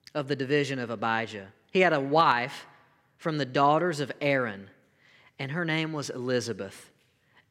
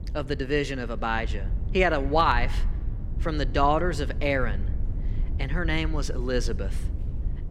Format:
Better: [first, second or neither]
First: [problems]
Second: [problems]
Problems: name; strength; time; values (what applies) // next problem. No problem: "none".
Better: first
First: none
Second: low rumble; faint; throughout; 20 dB below the speech